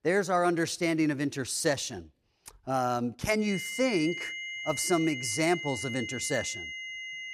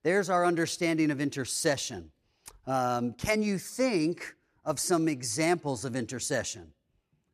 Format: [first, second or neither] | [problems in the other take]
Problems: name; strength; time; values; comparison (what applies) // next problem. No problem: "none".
second | high-pitched whine; loud; from 3.5 s on; 2 kHz, 7 dB below the speech